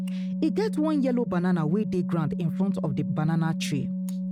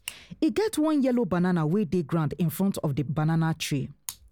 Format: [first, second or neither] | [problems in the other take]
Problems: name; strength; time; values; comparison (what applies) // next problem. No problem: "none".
second | noise reduction (neural mask model RNNoise)